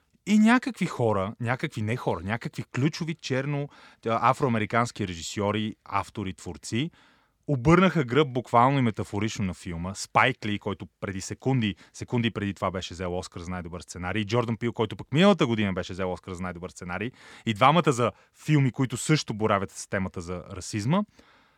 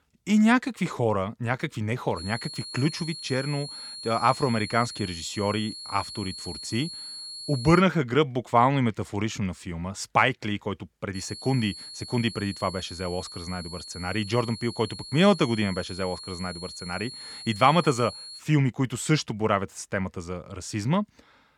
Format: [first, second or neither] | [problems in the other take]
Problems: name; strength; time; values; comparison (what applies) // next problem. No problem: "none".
first | high-pitched whine; noticeable; from 2 to 8 s and from 11 to 18 s; 4.5 kHz, 10 dB below the speech